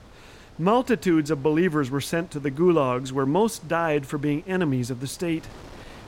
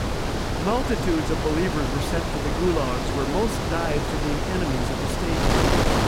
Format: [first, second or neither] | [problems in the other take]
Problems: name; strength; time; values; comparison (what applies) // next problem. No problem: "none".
first | wind noise on the microphone; heavy; 2 dB above the speech; occasional gusts in the first